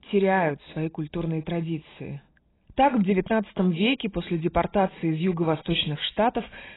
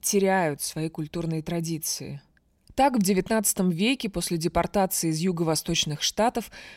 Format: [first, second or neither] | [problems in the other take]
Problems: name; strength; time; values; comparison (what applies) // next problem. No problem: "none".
second | garbled, watery; badly; nothing above 4 kHz